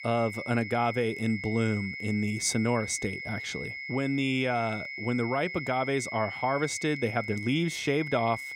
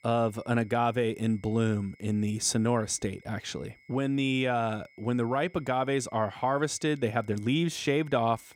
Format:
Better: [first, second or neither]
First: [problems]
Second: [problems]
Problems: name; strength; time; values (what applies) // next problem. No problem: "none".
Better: second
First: high-pitched whine; loud; throughout; 2 kHz, 7 dB below the speech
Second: high-pitched whine; faint; throughout; 2 kHz, 30 dB below the speech